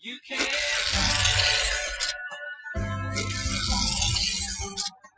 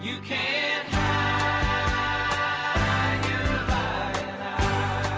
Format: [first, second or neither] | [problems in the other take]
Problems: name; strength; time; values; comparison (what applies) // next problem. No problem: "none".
second | noise reduction (classical method Wiener filter)